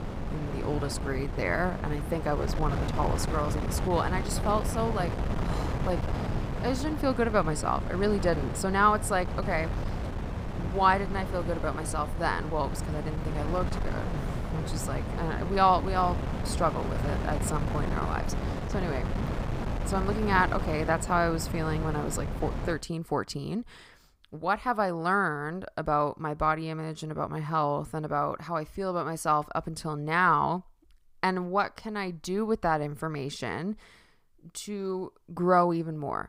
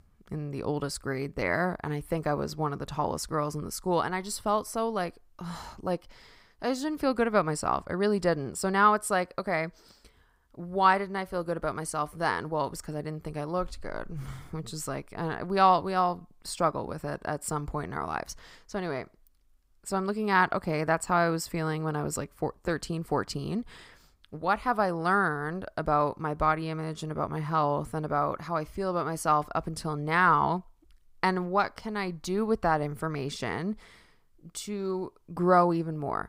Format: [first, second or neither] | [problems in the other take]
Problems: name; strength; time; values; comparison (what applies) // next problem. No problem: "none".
second | wind noise on the microphone; heavy; until 23 s; 10 dB below the speech